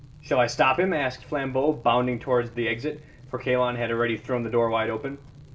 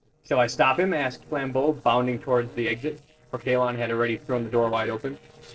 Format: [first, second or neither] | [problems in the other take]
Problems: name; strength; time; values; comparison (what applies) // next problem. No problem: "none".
first | noise reduction (neural separator model SepFormer DNS4)